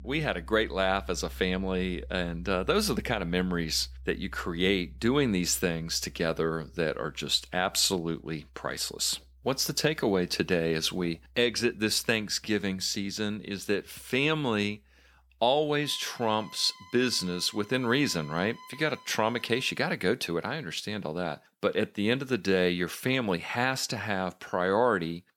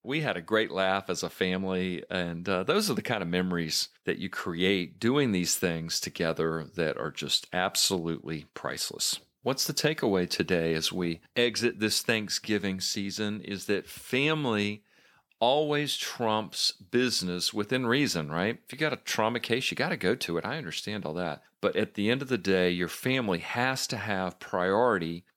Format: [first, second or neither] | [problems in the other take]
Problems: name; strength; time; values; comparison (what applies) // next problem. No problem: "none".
second | background music; faint; until 20 s; 20 dB below the speech